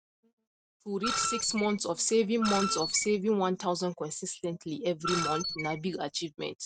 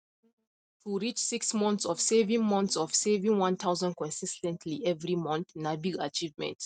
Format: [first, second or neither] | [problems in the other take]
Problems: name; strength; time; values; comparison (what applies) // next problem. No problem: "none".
second | background sound (Screech); 4 dB below the speech